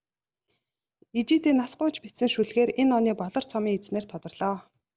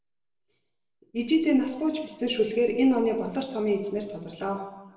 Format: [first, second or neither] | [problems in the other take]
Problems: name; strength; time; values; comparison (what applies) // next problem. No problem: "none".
first | room echo; dies away in 0.9 s